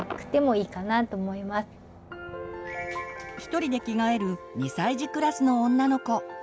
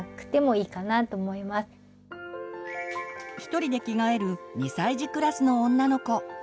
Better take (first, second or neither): second